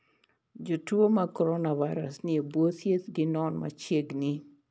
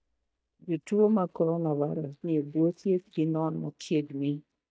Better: first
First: none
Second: noise reduction (neural mask model DeepFilterNet 3)

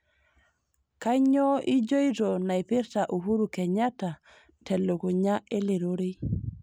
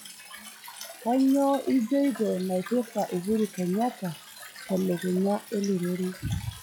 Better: first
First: none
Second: noise reduction (classical method log-MMSE)

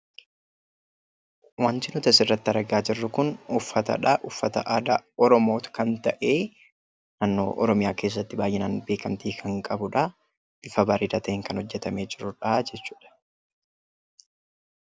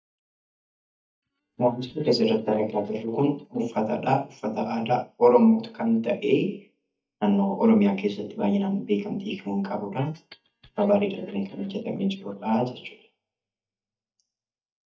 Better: first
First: none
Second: noise reduction (neural mask model DeepFilterNet 3)

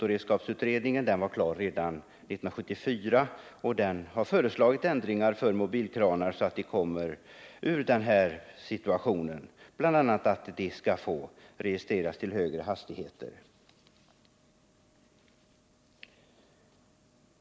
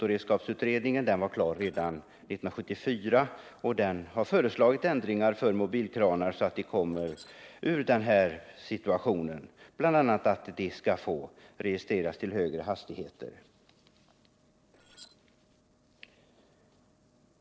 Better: first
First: none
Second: noise reduction (neural separator model SepFormer DNS4)

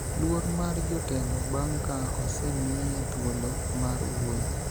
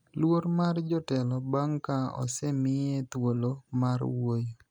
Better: second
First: background sound (Fire); 2 dB above the speech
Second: none

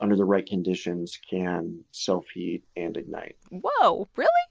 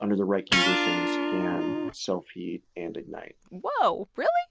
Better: first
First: none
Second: background sound (Electric guitar); 1 dB above the speech

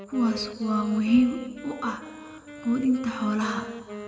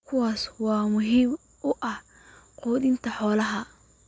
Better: second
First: background sound (Wind instrument, woodwind instrument); 13 dB below the speech // room echo; dies away in 1.6 s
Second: none

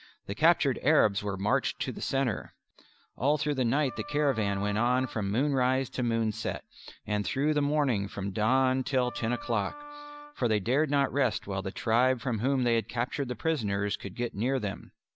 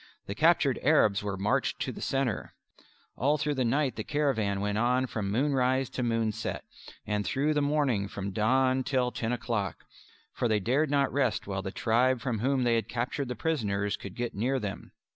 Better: second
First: background sound (Wind instrument, woodwind instrument); 15 dB below the speech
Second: none

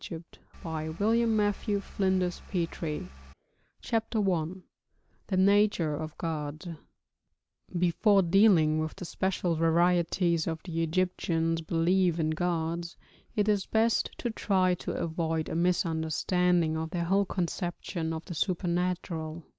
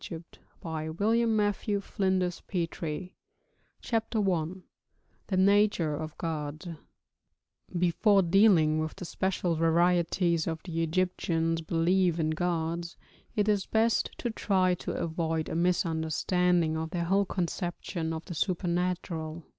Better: second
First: background sound (Engine); 18 dB below the speech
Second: none

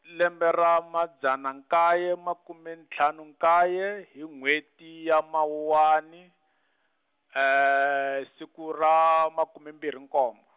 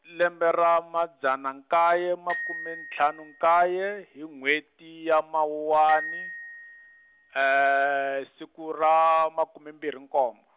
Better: first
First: none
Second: background sound (Glockenspiel); 15 dB below the speech

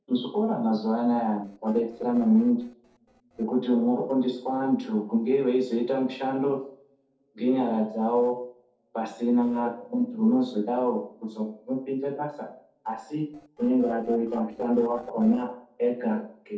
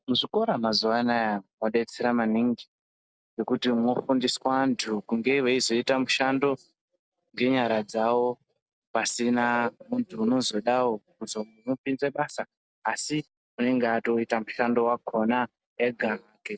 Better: second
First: noise reduction (neural separator model SepFormer DNS4)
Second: none

